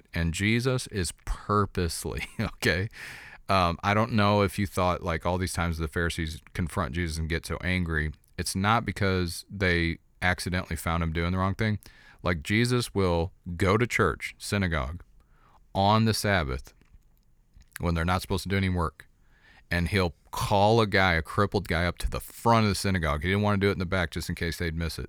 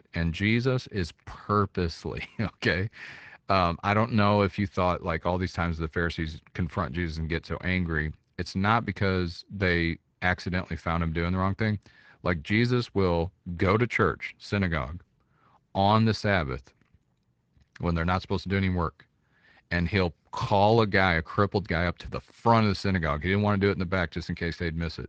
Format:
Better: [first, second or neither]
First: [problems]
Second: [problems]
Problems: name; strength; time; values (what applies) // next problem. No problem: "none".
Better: first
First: none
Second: garbled, watery; slightly